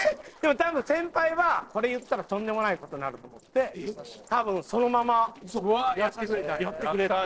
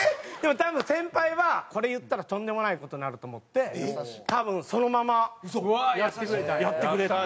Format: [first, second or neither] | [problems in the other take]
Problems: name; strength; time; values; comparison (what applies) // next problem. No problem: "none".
second | noise reduction (neural separator model SepFormer DNS4)